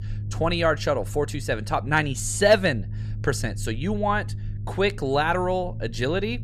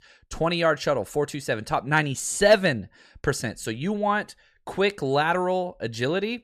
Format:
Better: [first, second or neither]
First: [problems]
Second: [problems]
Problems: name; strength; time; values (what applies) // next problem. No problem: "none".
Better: second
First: low rumble; faint; throughout; 25 dB below the speech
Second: none